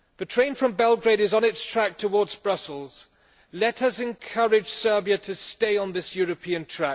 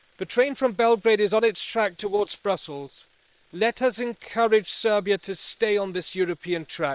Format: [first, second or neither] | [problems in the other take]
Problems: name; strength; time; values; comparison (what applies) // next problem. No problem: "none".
first | noise reduction (neural separator model SepFormer WHAM!)